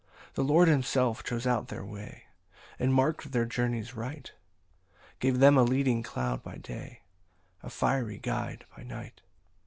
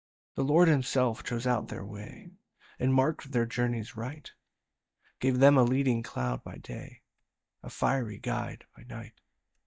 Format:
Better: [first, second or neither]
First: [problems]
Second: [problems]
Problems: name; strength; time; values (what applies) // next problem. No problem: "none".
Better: first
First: none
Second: noise reduction (neural mask model DeepFilterNet 3)